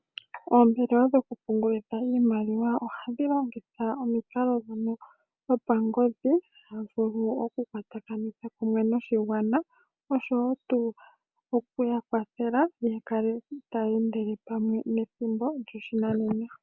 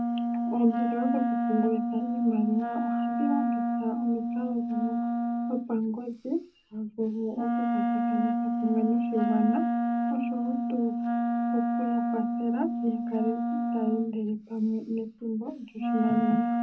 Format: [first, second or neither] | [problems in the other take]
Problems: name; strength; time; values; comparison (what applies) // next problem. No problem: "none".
first | background sound (Wind instrument, woodwind instrument); 2 dB above the speech // room echo; dies away in 0.4 s